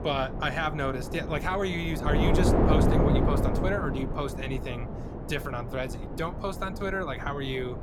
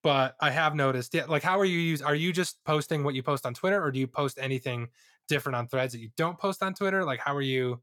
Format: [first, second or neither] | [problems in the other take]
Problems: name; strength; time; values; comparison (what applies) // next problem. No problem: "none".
second | wind noise on the microphone; heavy; 2 dB below the speech